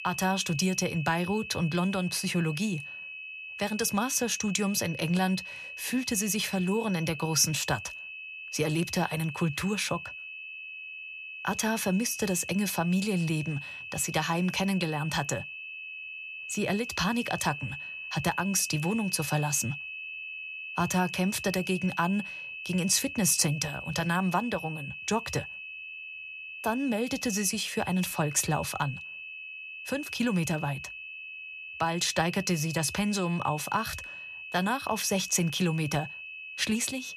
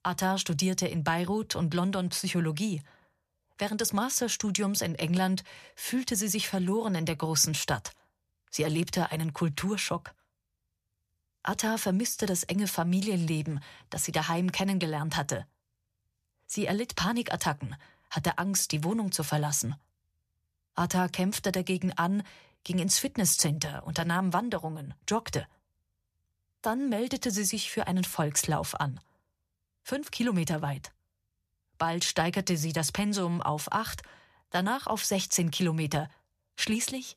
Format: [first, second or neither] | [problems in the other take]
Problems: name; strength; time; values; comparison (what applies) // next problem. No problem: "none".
second | high-pitched whine; loud; throughout; 2.5 kHz, 9 dB below the speech